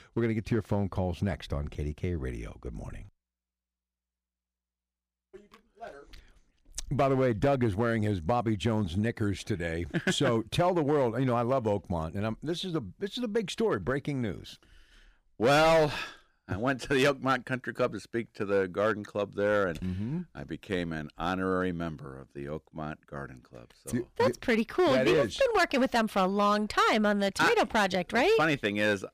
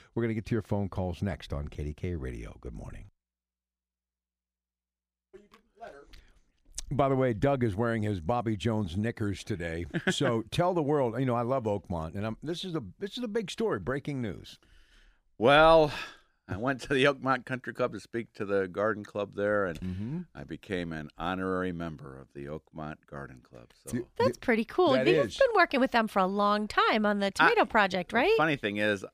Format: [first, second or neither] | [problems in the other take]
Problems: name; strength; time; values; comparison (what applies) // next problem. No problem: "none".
second | distortion; slight; 4% of the sound clipped